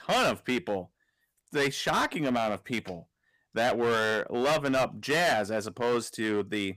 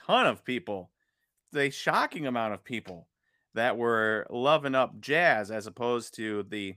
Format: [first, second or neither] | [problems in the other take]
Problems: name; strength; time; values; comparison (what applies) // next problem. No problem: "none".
second | distortion; heavy; 12% of the sound clipped